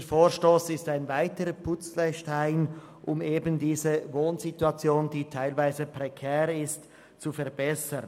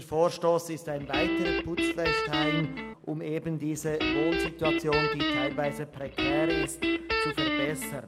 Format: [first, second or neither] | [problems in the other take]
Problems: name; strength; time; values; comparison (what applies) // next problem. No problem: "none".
first | background sound (Guitar); 2 dB above the speech